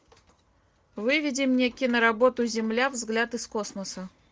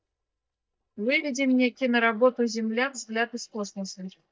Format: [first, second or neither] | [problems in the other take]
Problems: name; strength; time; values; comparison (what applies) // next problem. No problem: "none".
first | noise reduction (neural mask model DeepFilterNet 3)